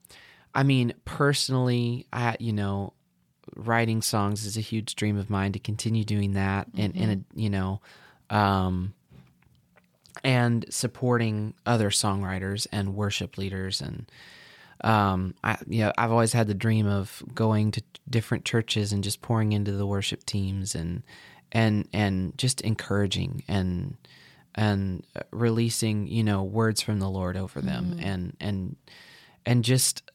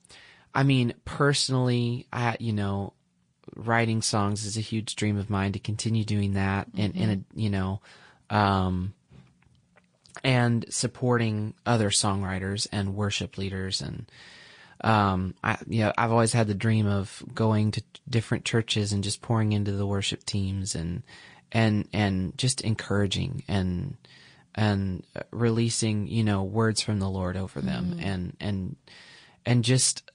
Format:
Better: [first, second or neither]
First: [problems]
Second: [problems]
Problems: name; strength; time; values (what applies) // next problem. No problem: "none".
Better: first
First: none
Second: garbled, watery; slightly